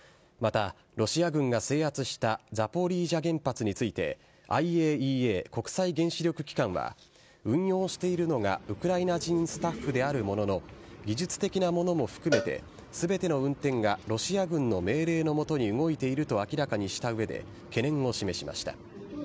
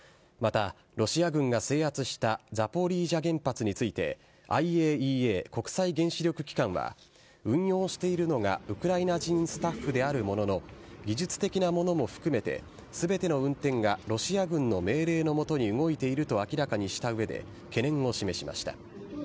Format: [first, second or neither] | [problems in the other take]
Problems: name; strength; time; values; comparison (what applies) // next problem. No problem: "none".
second | background sound (Cowbell); 10 dB below the speech